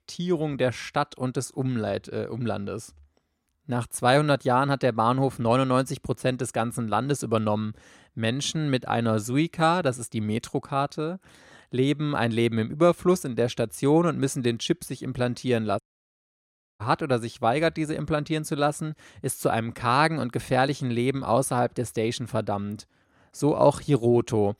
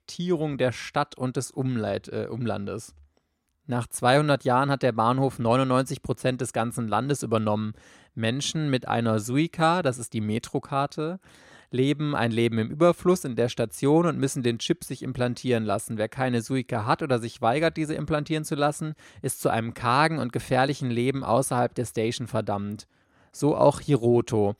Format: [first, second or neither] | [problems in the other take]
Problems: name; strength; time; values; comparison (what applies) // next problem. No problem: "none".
second | audio cutting out; at 16 s for 1 s